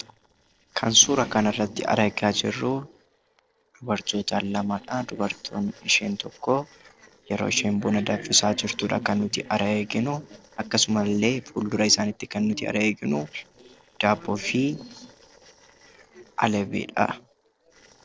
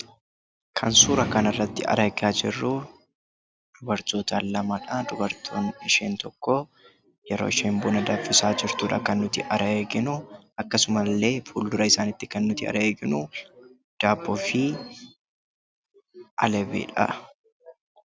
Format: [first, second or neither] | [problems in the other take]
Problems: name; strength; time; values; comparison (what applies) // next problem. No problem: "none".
second | noise reduction (neural separator model SepFormer DNS4)